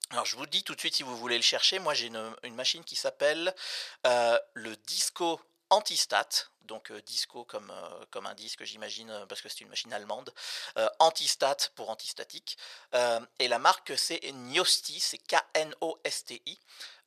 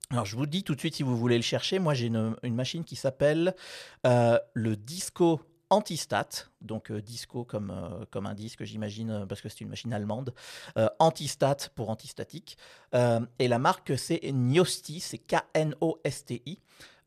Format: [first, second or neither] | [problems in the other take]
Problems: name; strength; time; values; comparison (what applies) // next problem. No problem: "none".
second | thin; very; fading below 750 Hz